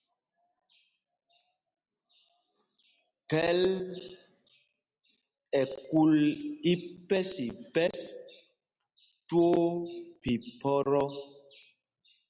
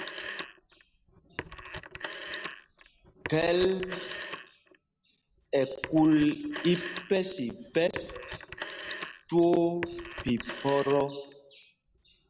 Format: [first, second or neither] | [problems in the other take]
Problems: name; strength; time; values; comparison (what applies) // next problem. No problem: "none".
first | background sound (Telephone); 12 dB below the speech